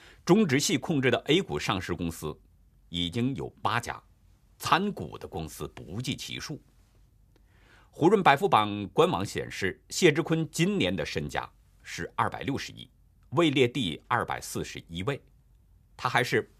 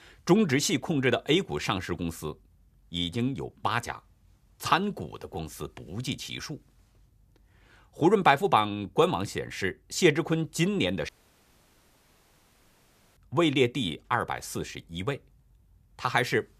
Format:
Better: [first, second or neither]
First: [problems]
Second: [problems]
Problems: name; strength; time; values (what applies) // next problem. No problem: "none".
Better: first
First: none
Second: audio cutting out; at 11 s for 2 s